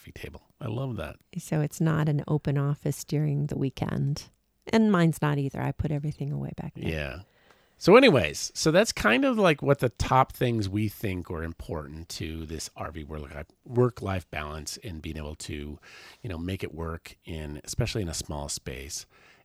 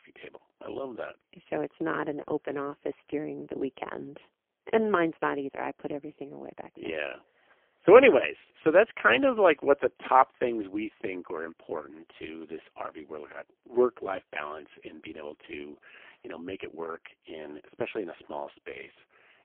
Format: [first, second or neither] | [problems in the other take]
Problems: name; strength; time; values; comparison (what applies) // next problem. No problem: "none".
first | phone-call audio; poor line